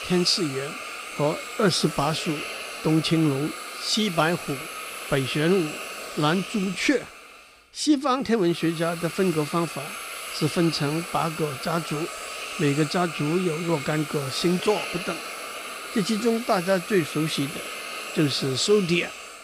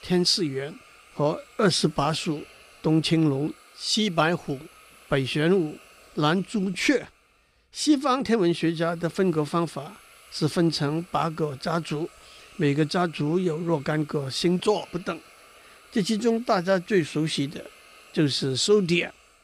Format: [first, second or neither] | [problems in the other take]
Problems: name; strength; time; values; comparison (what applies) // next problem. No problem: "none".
second | hiss; loud; throughout; 8 dB below the speech; faint in the second